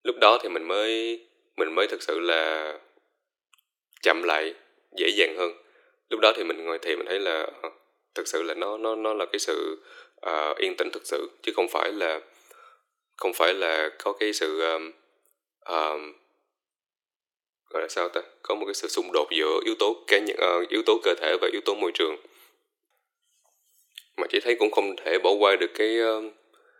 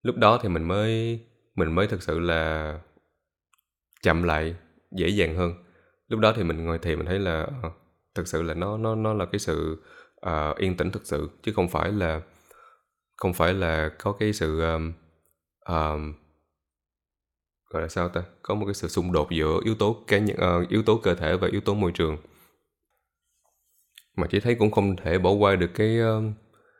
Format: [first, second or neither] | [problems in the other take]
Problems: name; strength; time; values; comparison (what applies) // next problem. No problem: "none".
second | thin; very; fading below 350 Hz